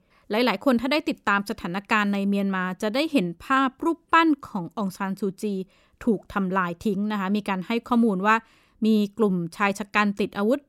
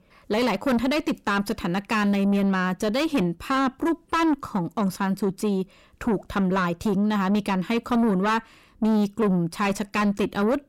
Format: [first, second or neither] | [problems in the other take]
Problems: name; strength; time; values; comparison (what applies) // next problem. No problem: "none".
first | distortion; heavy; 7 dB below the speech